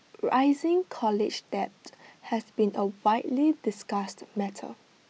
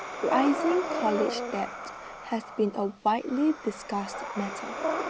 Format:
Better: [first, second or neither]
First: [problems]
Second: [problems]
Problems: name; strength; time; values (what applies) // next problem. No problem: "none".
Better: first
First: none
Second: background sound (Breathing); 4 dB below the speech